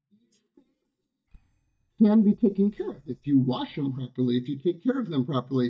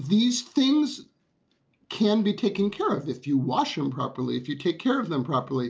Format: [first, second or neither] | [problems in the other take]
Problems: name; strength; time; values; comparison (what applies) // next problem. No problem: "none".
second | noise reduction (neural mask model DeepFilterNet 3)